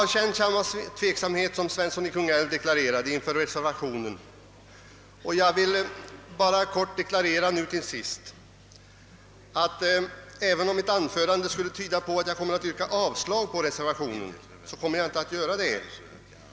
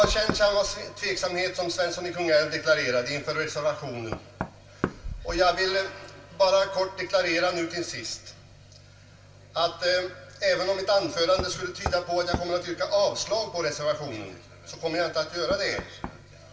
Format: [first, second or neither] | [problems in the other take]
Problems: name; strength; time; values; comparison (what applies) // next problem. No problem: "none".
first | background sound (Knock); 13 dB below the speech // room echo; dies away in 0.2 s